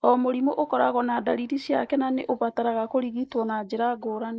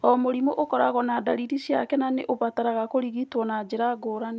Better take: second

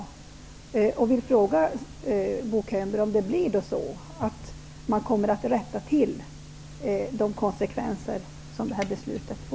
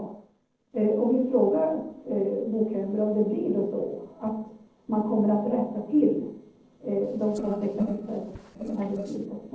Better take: first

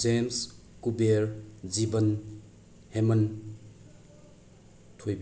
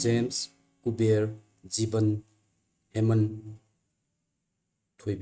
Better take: first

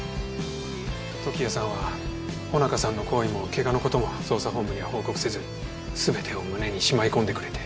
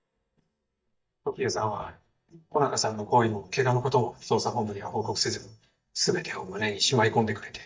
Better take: first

